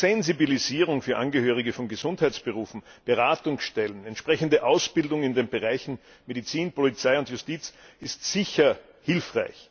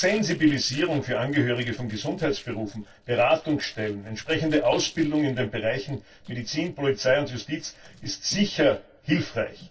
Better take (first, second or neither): first